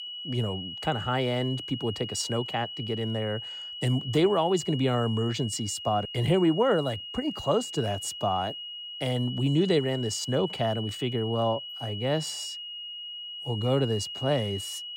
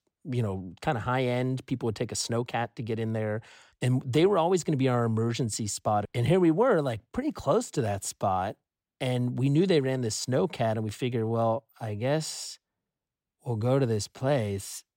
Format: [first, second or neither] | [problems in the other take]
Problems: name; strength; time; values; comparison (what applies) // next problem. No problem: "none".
second | high-pitched whine; loud; throughout; 3 kHz, 8 dB below the speech